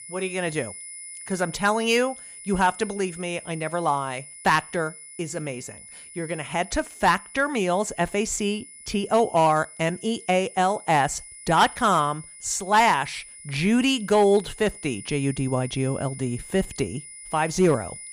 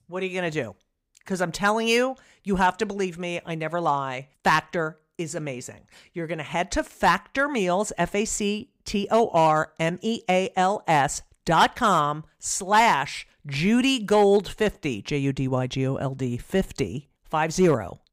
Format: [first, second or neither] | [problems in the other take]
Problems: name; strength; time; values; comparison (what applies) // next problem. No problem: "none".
second | high-pitched whine; noticeable; throughout; 10 kHz, 15 dB below the speech